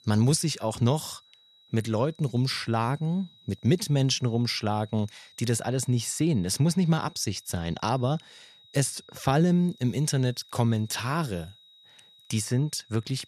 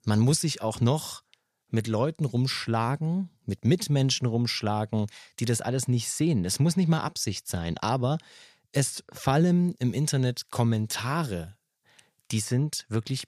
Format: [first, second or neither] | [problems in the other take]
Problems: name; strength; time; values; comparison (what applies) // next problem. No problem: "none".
second | high-pitched whine; faint; throughout; 4 kHz, 25 dB below the speech